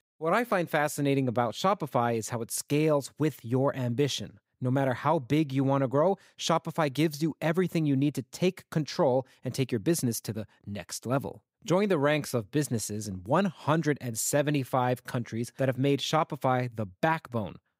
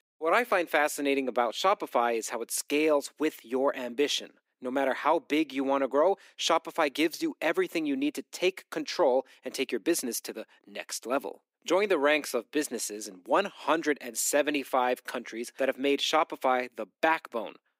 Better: first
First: none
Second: thin; somewhat; fading below 300 Hz

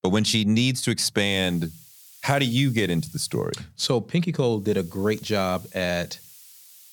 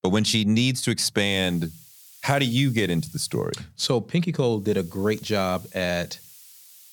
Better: neither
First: hiss; faint; from 1.5 to 3.5 s and from 4.5 s on; 20 dB below the speech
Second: hiss; faint; from 1.5 to 3.5 s and from 4.5 s on; 20 dB below the speech

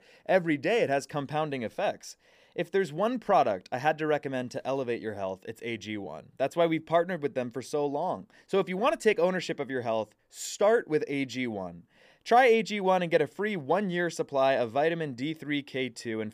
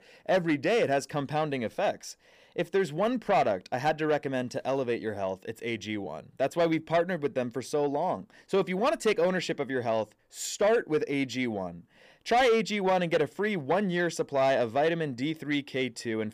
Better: first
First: none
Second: distortion; slight; 10 dB below the speech

